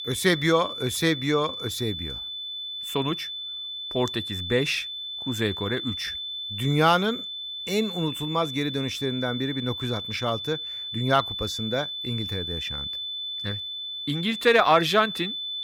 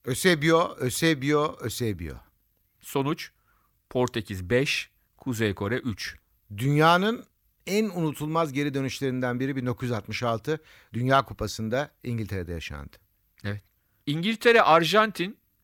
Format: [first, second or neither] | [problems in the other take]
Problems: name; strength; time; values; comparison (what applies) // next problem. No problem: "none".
second | high-pitched whine; loud; throughout; 3.5 kHz, 5 dB below the speech